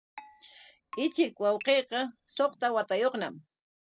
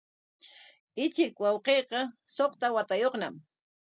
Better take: second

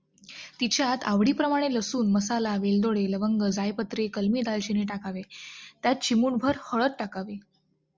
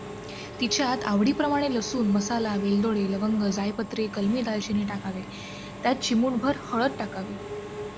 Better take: first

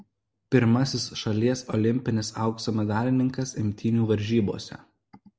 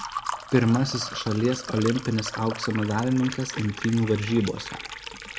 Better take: first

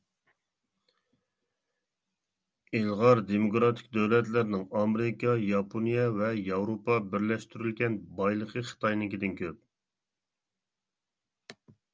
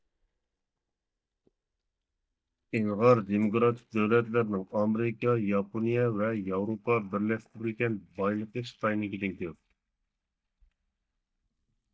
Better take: first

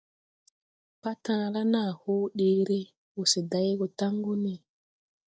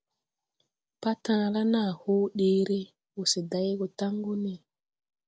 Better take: second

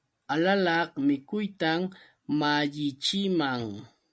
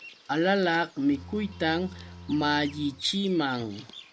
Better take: first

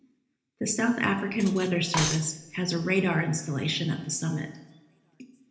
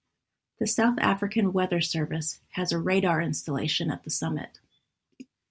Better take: second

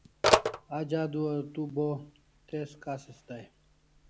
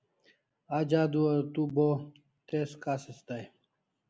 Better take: second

